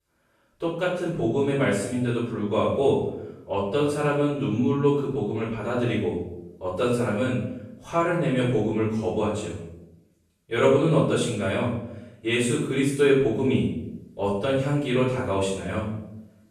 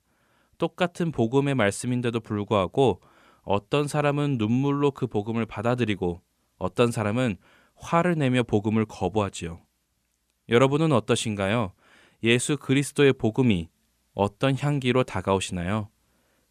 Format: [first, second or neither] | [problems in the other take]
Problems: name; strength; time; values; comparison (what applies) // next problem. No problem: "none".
second | off-mic speech; far // room echo; noticeable; dies away in 0.7 s